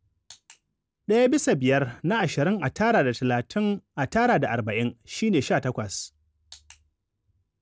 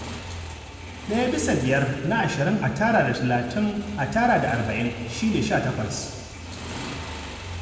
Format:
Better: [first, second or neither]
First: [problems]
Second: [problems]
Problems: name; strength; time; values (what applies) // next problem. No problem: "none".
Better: first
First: none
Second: background sound (Motorcycle); 12 dB below the speech // room echo; dies away in 1.5 s